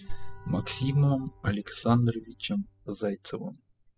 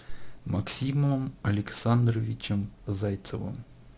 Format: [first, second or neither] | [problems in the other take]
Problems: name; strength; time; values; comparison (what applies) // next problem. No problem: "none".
second | noise reduction (classical method spectral subtraction)